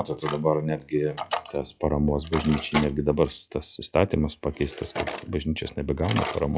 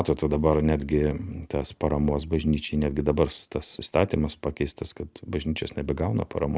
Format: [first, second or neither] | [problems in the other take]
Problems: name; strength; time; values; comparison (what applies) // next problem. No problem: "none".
second | noise reduction (classical method log-MMSE)